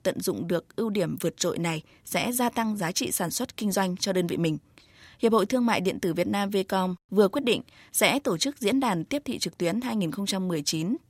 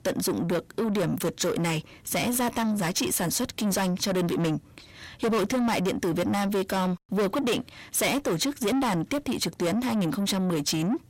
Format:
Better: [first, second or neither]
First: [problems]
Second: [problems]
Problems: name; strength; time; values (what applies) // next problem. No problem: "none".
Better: first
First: none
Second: distortion; heavy; 7 dB below the speech